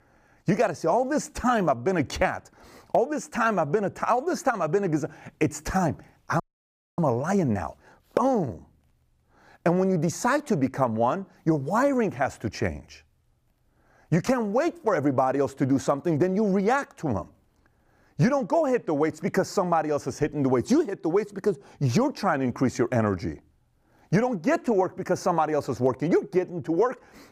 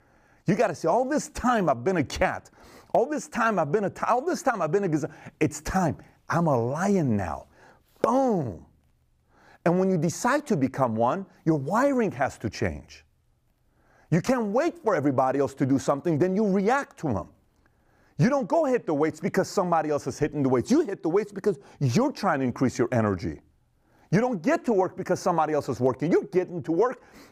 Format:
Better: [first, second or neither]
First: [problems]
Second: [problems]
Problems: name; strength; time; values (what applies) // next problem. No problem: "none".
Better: second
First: audio freezing; at 6.5 s for 0.5 s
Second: none